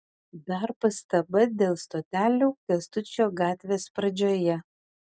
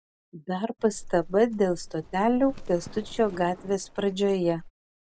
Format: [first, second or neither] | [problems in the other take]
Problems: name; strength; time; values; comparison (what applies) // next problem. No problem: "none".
first | background sound (Livestock, farm animals, working animals); 16 dB below the speech